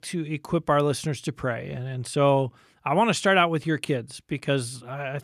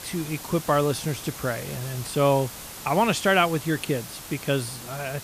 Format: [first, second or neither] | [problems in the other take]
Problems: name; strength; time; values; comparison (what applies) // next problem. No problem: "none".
first | hiss; noticeable; throughout; 10 dB below the speech